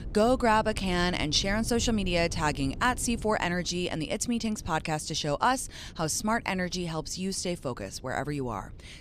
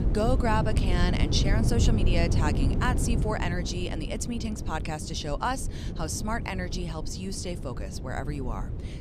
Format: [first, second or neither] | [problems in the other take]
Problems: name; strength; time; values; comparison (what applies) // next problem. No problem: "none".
first | wind noise on the microphone; heavy; 8 dB below the speech; occasional gusts in the first